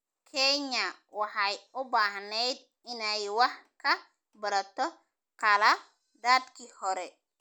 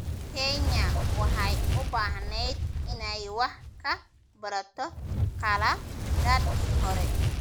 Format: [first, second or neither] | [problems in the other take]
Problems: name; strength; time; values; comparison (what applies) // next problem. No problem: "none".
first | background sound (Fire); 4 dB above the speech